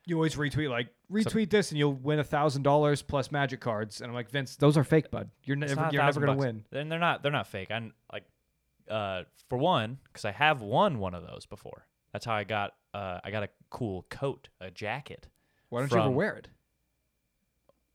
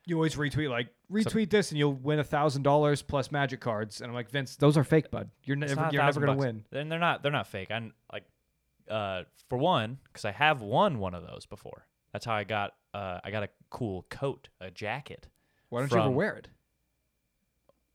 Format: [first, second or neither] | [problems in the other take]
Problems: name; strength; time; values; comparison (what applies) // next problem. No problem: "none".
neither | none